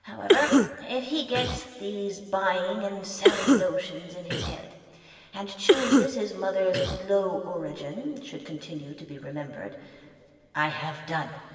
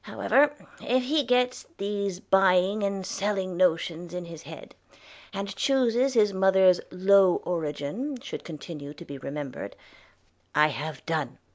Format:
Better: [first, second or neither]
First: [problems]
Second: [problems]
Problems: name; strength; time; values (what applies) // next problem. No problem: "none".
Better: second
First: background sound (Cough); 4 dB above the speech // room echo; dies away in 2.6 s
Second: none